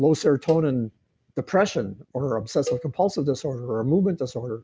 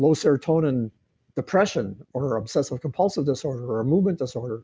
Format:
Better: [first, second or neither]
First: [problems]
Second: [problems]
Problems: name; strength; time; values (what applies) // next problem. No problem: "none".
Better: second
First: background sound (Cowbell); 13 dB below the speech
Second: none